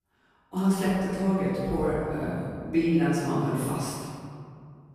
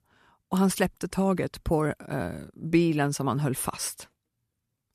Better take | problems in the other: second | off-mic speech; far // room echo; strong; dies away in 2.1 s

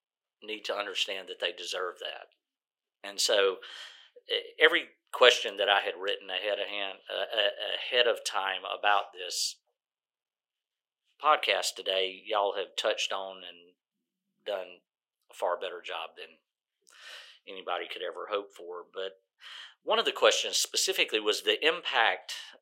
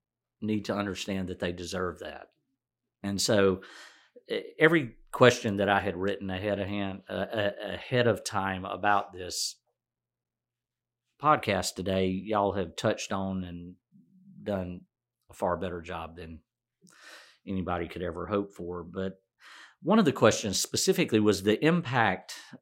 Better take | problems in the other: second | thin; very; fading below 500 Hz

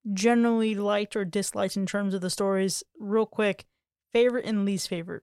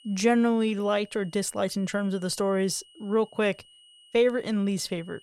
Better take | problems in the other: first | high-pitched whine; faint; throughout; 3 kHz, 25 dB below the speech

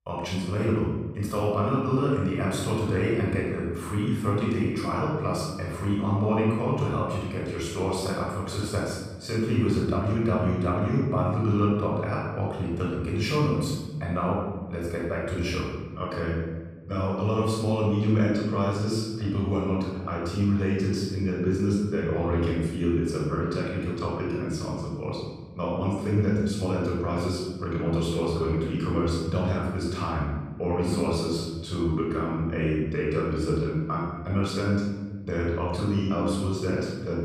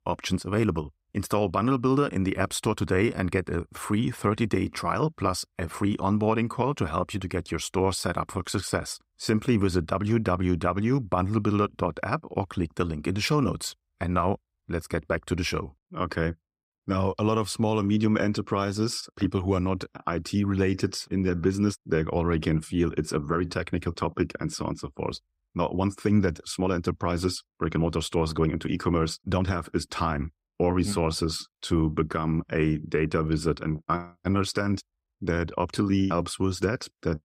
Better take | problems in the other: second | room echo; strong; dies away in 1.4 s // off-mic speech; far

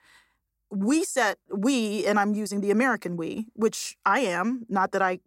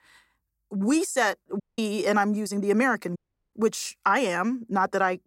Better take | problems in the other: first | audio cutting out; at 1.5 s and at 3 s

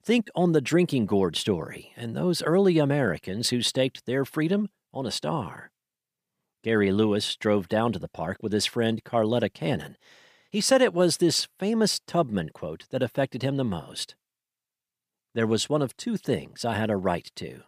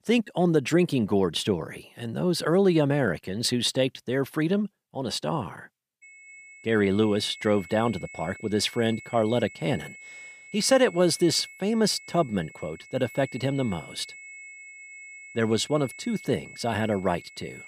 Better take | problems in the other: first | high-pitched whine; noticeable; from 6 s on; 2 kHz, 20 dB below the speech

